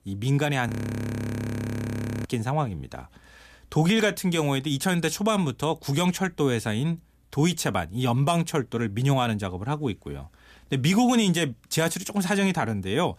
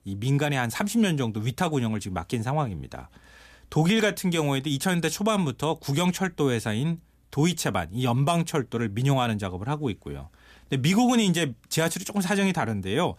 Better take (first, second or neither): second